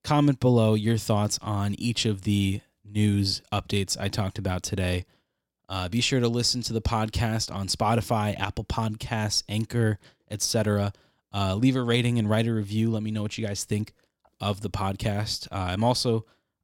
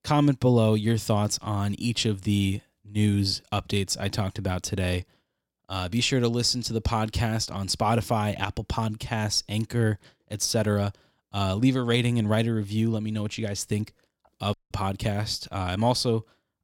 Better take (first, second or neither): first